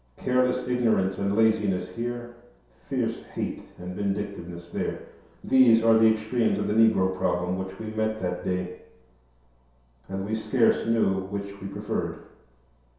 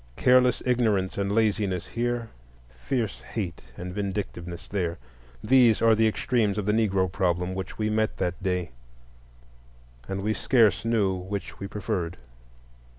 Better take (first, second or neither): second